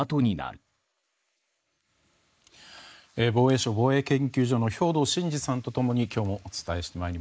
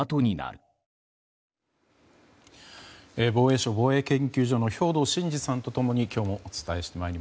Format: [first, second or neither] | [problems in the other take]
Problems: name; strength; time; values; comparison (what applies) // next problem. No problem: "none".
second | noise reduction (neural mask model Resemble Enhance denoiser)